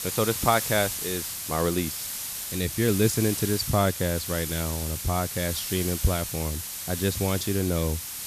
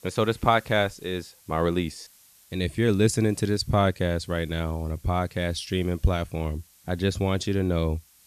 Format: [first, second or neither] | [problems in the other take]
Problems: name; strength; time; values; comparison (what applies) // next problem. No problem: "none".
second | hiss; loud; throughout; 4 dB below the speech; faint in the second